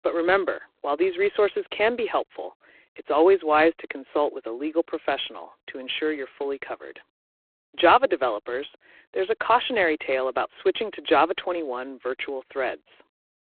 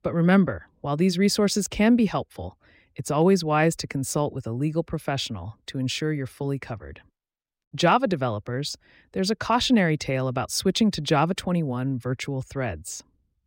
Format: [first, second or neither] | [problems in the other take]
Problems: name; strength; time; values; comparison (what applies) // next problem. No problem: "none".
second | phone-call audio; poor line